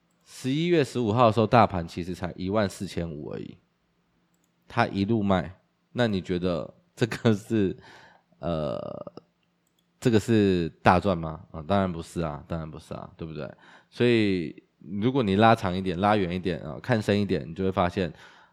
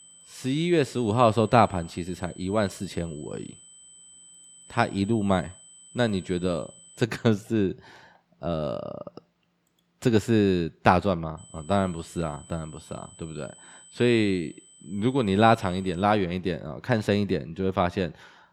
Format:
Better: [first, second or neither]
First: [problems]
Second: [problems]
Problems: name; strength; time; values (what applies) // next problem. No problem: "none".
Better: first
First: none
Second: high-pitched whine; faint; until 7 s and from 11 to 16 s; 8 kHz, 25 dB below the speech